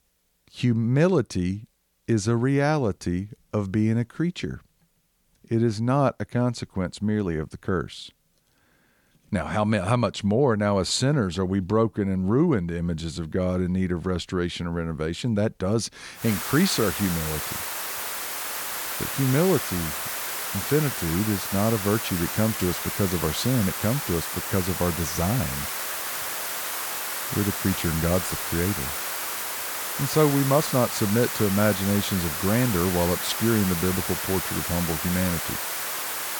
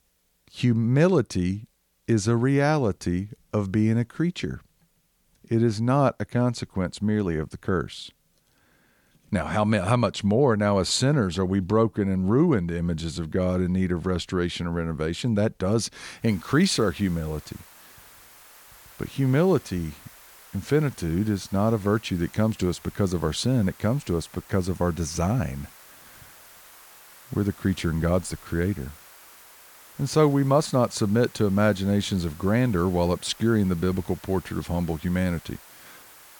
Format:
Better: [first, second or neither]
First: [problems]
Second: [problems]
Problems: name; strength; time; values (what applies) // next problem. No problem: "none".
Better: second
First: hiss; loud; from 16 s on; 3 dB below the speech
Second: hiss; faint; from 16 s on; 20 dB below the speech